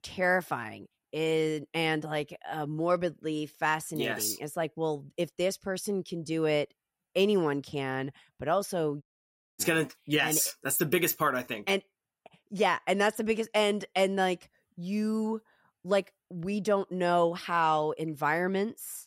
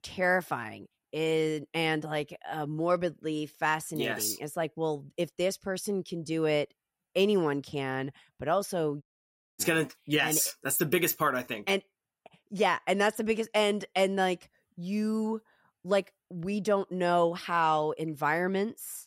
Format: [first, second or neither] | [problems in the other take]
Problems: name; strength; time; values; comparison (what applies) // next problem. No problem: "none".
neither | audio cutting out; at 9 s for 0.5 s; the same in both